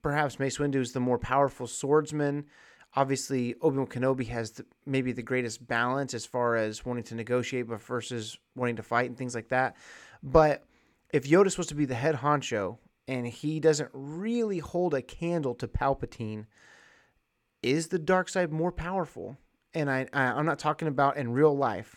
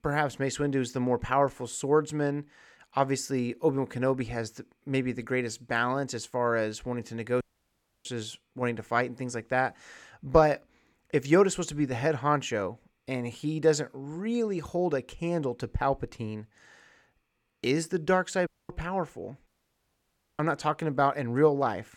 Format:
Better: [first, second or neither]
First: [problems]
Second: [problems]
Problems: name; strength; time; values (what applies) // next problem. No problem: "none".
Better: first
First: none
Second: audio cutting out; at 7.5 s for 0.5 s, at 18 s and at 19 s for 1 s